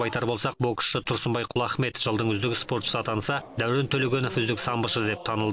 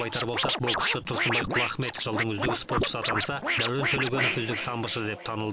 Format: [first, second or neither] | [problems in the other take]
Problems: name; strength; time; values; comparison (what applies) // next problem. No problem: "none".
first | background sound (Scratching (performance technique)); as loud as the speech